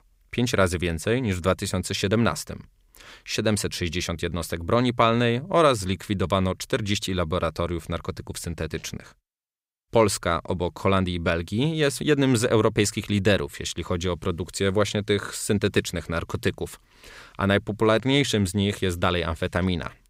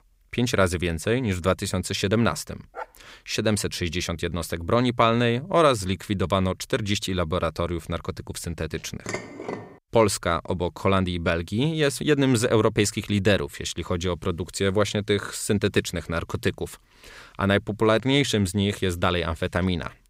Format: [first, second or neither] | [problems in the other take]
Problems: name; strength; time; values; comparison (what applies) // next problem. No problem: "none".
first | dog barking; faint; at 2.5 s; peak 15 dB below the speech // clattering dishes; noticeable; at 9 s; peak 9 dB below the speech